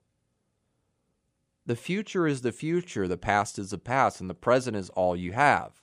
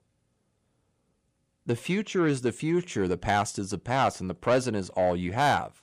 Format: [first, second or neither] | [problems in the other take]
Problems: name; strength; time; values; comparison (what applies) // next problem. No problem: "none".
first | distortion; slight; 10 dB below the speech